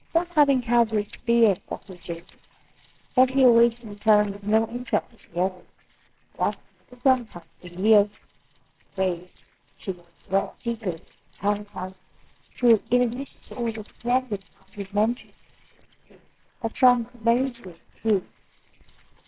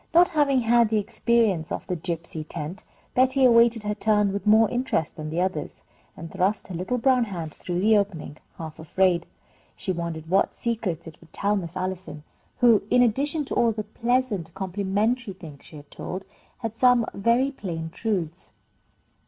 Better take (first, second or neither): second